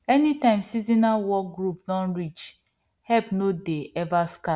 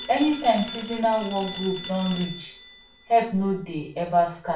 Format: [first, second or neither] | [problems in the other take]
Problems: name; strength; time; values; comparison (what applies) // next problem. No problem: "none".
first | background sound (Telephone); 14 dB below the speech // room echo; dies away in 0.3 s